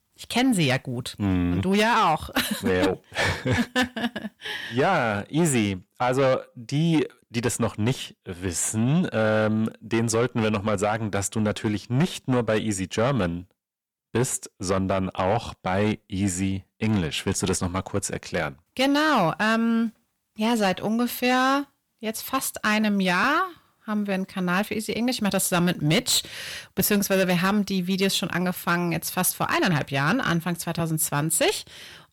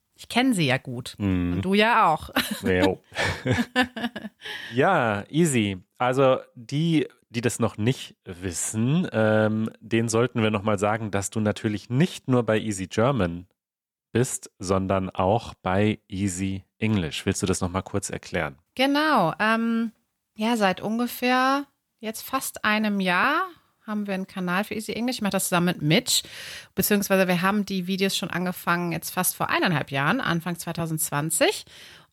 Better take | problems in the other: second | distortion; slight; 10 dB below the speech

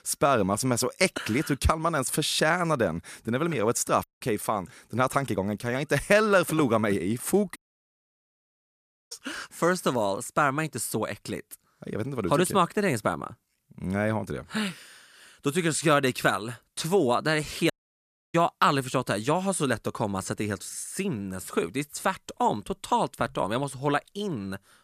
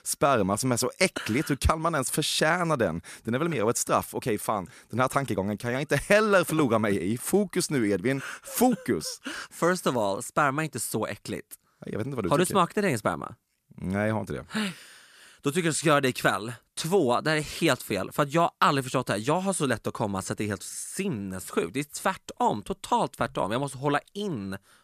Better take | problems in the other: second | audio cutting out; at 4 s, at 7.5 s for 1.5 s and at 18 s for 0.5 s

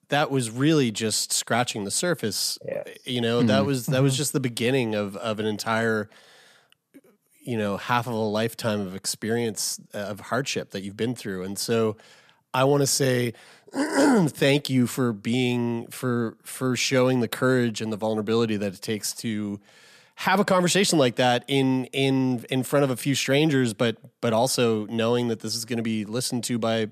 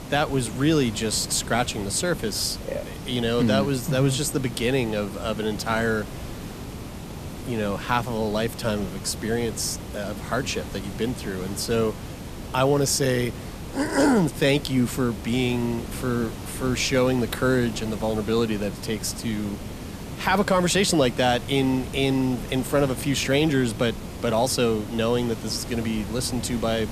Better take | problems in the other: first | hiss; noticeable; throughout; 10 dB below the speech

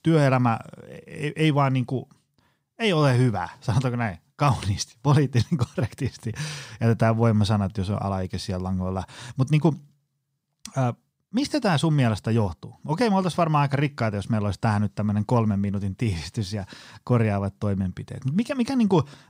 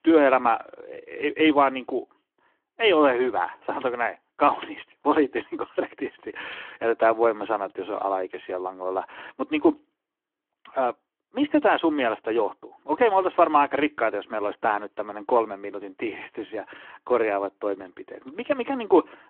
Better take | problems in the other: first | phone-call audio

